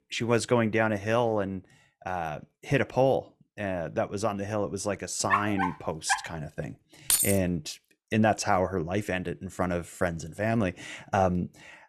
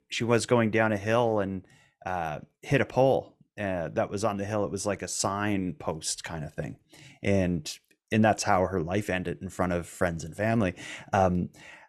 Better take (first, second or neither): second